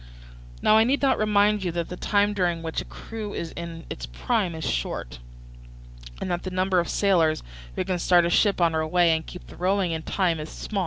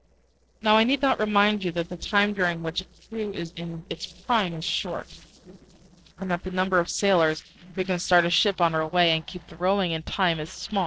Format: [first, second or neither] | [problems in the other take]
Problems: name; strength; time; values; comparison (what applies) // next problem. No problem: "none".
first | noise reduction (neural separator model SepFormer DNS4)